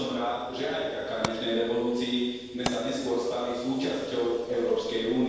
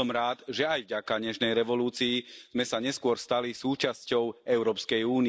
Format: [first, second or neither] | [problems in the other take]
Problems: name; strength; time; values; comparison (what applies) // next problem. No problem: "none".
second | background sound (Fire); 14 dB below the speech // room echo; dies away in 1.2 s